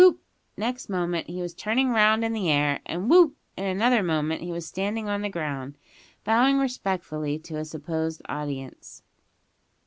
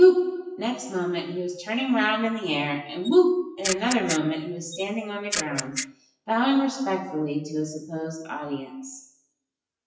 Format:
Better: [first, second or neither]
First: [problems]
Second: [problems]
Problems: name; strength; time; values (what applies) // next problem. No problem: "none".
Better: first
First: none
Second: noise reduction (classical method WPE with log-MMSE)